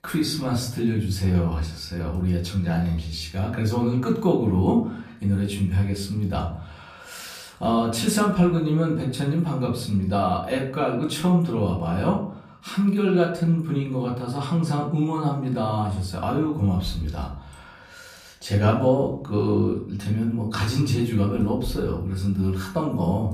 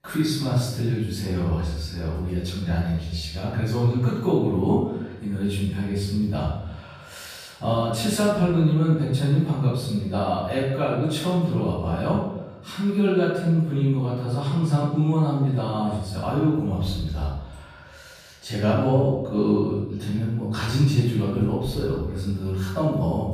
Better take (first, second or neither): first